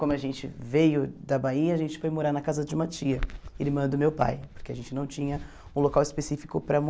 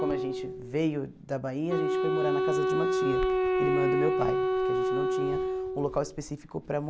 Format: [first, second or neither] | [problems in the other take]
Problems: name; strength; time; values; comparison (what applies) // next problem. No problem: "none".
first | background sound (Wind instrument, woodwind instrument); 4 dB above the speech